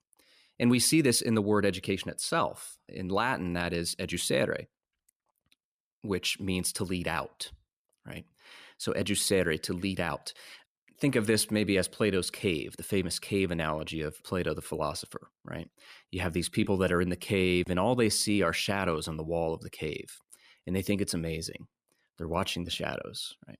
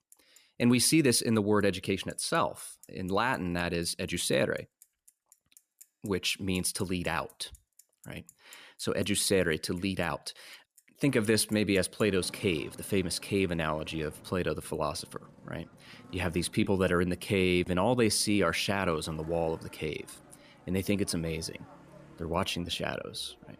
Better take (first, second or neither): first